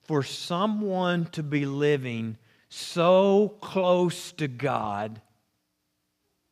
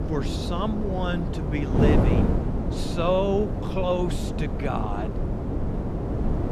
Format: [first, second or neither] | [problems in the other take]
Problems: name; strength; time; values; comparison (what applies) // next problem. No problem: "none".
first | wind noise on the microphone; heavy; 3 dB below the speech